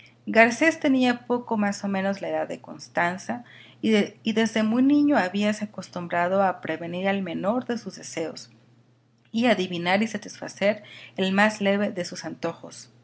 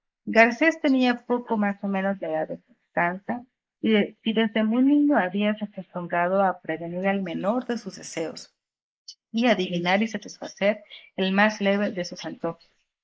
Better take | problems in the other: first | noise reduction (neural mask model Resemble Enhance denoiser)

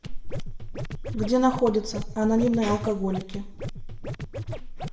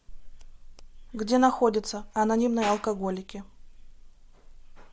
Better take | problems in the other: second | background sound (Scratching (performance technique)); 10 dB below the speech // room echo; dies away in 0.5 s

